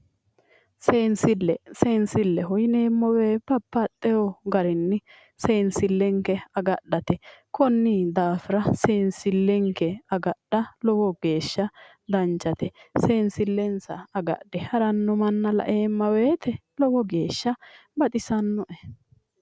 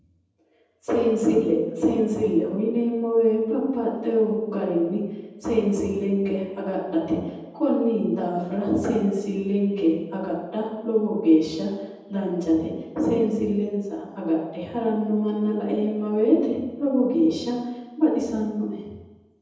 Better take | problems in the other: first | room echo; dies away in 1.1 s

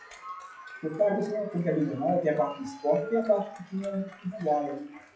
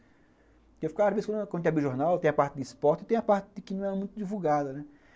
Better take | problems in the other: second | noise reduction (classical method WPE with log-MMSE)

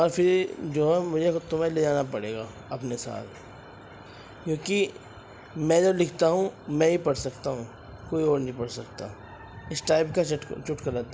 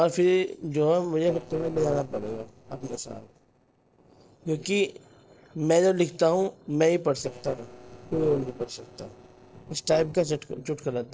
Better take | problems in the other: first | noise reduction (neural separator model SepFormer DNS4)

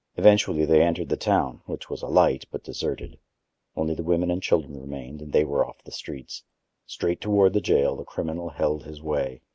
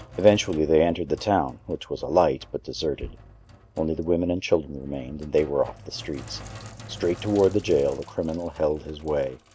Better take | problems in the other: first | background sound (Sink (filling or washing)); 19 dB below the speech

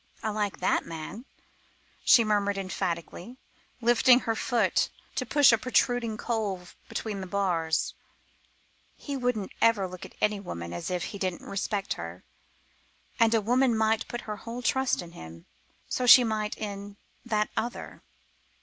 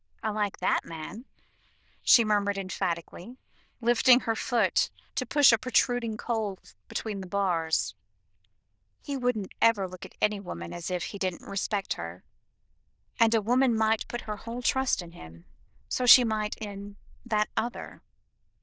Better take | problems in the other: first | noise reduction (neural diffusion model UNIVERSE++)

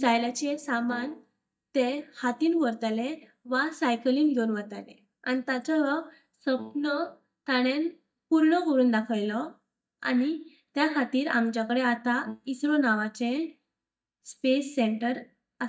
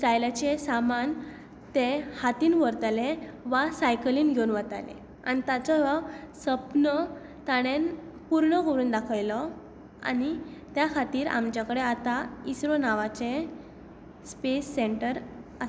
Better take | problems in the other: second | noise reduction (neural mask model DeepFilterNet 3)

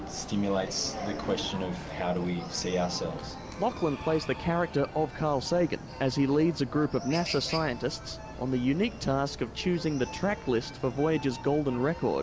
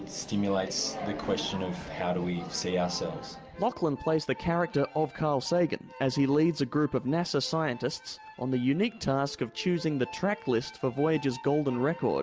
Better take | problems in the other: second | background sound (Chicken, rooster); 13 dB below the speech

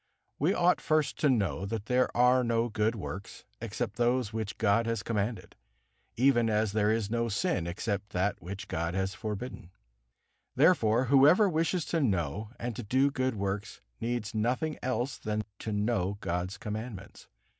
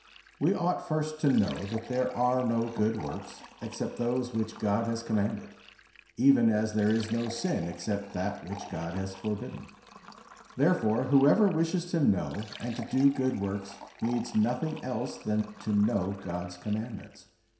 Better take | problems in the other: first | background sound (Fill (with liquid)); 20 dB below the speech // room echo; dies away in 0.7 s

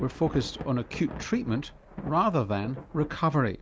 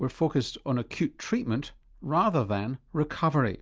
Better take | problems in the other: second | background sound (Thunder / Rain); 14 dB below the speech

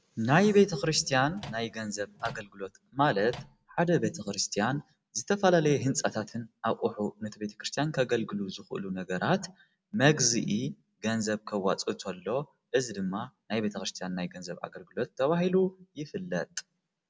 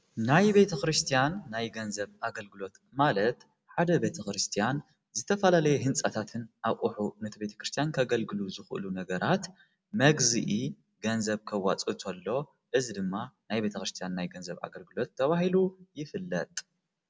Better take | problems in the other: second | background sound (Microwave oven); 18 dB below the speech

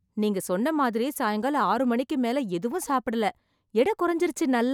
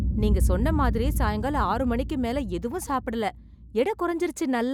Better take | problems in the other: first | background sound (Boom); 1 dB below the speech

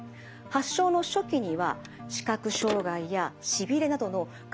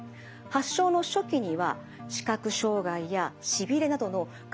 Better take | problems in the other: second | background sound (Telephone); 17 dB below the speech

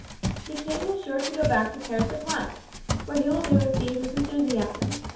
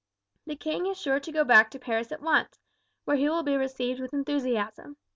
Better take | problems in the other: second | background sound (Run); 2 dB below the speech // room echo; dies away in 0.6 s

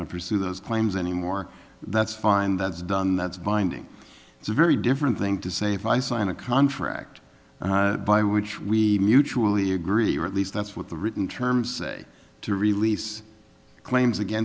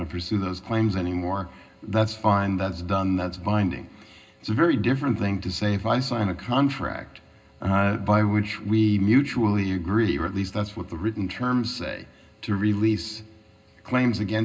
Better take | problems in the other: first | room echo; dies away in 0.2 s

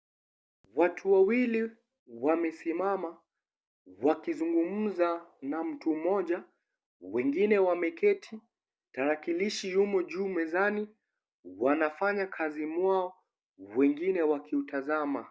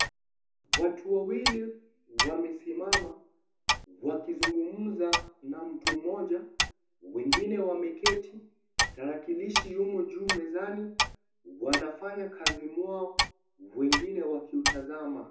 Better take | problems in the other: first | background sound (Clock); as loud as the speech // room echo; dies away in 0.6 s

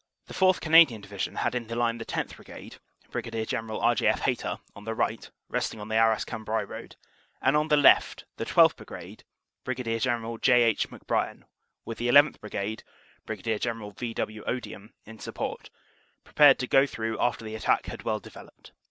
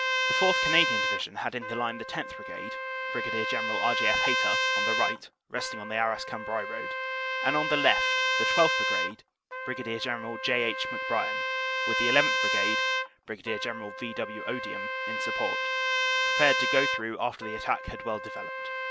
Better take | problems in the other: first | background sound (Trumpet); 2 dB above the speech

